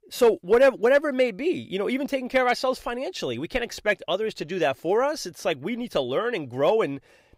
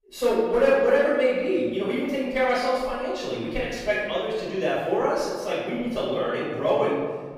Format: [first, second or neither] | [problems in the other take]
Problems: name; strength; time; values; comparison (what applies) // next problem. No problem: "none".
first | room echo; strong; dies away in 1.3 s // off-mic speech; far